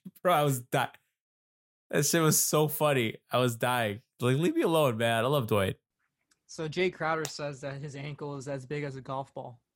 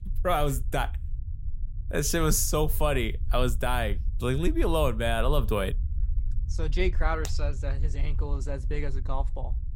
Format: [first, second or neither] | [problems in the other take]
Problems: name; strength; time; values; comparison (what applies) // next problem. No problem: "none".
first | low rumble; faint; throughout; 25 dB below the speech